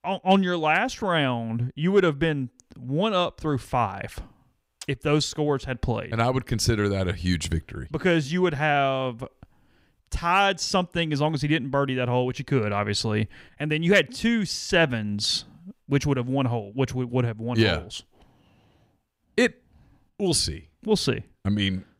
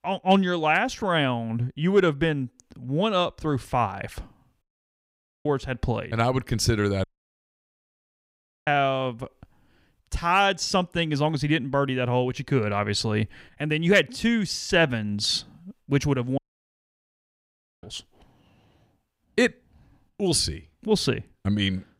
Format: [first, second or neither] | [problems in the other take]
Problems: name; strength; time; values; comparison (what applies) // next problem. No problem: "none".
first | audio cutting out; at 4.5 s for 1 s, at 7 s for 1.5 s and at 16 s for 1.5 s